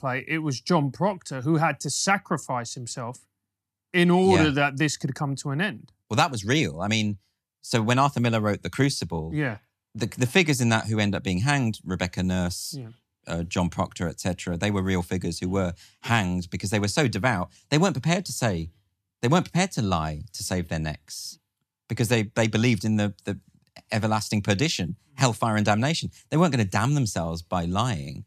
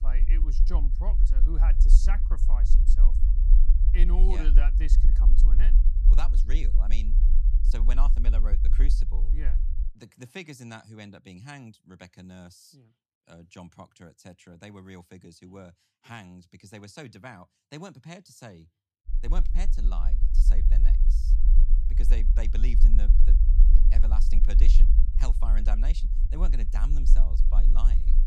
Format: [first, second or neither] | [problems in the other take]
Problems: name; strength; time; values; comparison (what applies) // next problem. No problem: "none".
first | low rumble; loud; until 10 s and from 19 s on; 5 dB below the speech